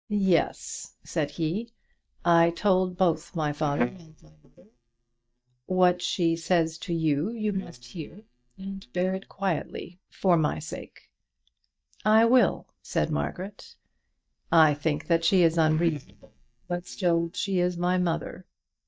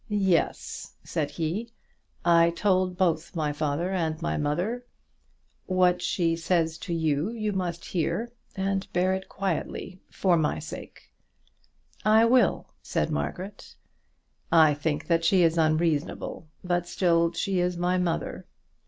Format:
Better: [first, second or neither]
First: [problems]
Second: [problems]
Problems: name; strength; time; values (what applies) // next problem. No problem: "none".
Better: second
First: noise reduction (neural mask model DeepFilterNet 3)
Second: none